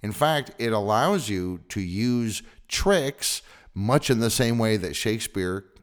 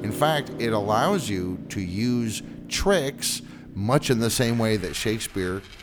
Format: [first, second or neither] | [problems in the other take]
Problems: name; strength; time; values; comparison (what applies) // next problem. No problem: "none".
first | traffic noise; noticeable; throughout; 15 dB below the speech